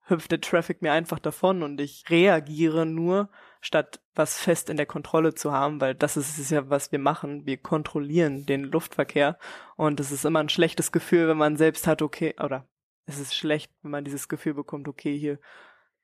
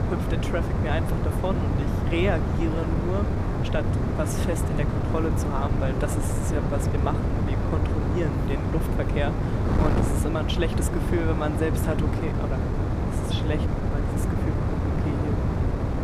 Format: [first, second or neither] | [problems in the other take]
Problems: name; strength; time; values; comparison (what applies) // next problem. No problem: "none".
first | wind noise on the microphone; heavy; as loud as the speech